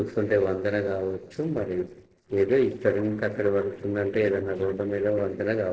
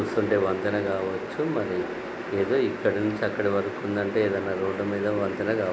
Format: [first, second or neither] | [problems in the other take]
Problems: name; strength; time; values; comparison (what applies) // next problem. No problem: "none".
second | noise reduction (neural separator model SepFormer DNS4)